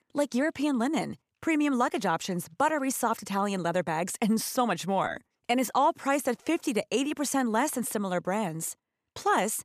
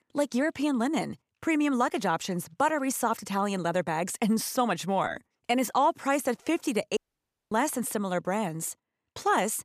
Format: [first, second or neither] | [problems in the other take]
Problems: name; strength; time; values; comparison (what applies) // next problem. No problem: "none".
first | audio cutting out; at 7 s for 0.5 s